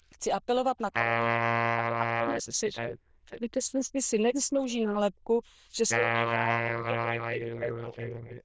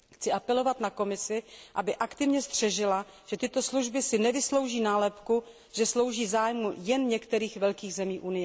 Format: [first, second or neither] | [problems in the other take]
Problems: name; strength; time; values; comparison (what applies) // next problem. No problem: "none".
second | noise reduction (neural diffusion model UNIVERSE++)